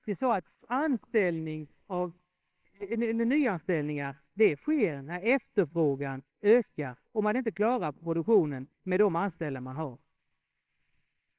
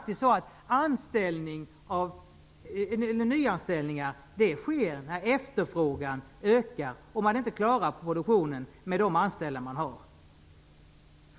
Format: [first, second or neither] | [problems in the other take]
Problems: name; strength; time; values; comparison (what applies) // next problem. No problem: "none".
second | noise reduction (neural separator model SepFormer WHAMR!)